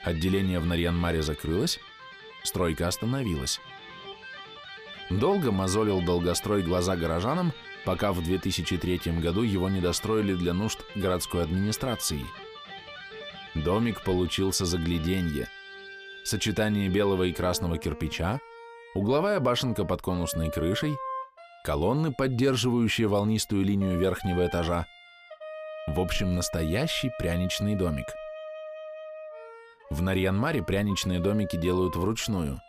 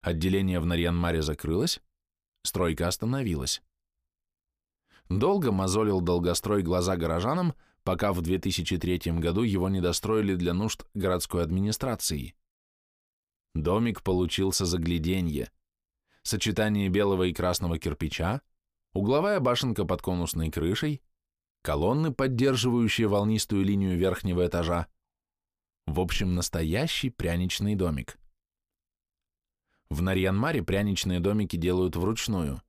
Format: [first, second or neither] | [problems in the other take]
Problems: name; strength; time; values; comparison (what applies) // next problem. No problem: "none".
second | background music; noticeable; throughout; 15 dB below the speech